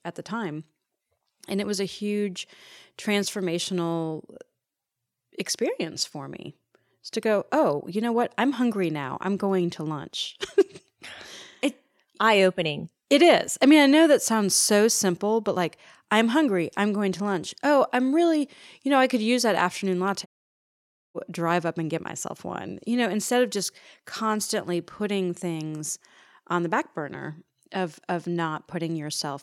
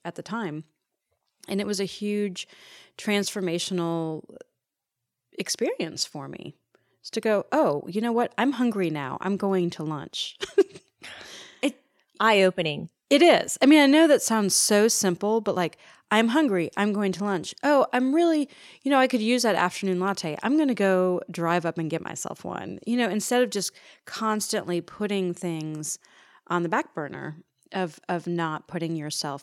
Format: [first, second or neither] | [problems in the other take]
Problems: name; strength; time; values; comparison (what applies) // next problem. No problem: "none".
second | audio cutting out; at 20 s for 1 s